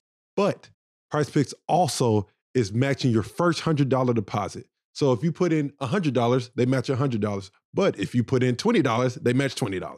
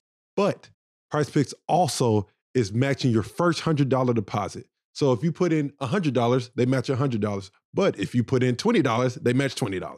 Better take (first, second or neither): neither